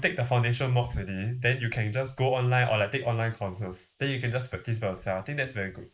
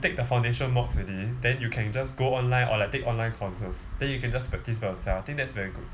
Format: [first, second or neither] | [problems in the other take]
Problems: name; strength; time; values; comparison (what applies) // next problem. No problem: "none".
second | noise reduction (neural mask model Resemble Enhance denoiser)